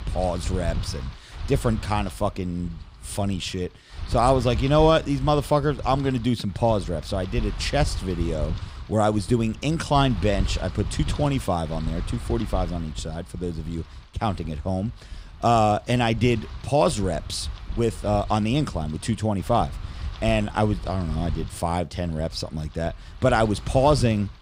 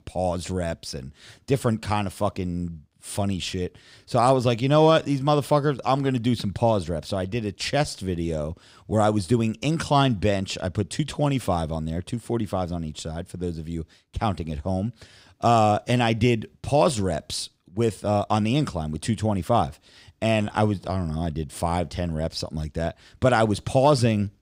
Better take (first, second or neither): second